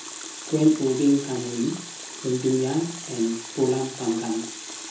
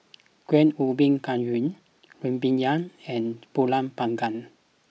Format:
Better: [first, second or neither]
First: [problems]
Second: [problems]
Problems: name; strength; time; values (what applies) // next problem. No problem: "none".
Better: second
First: background sound (Water tap, faucet); 12 dB below the speech // room echo; dies away in 0.6 s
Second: none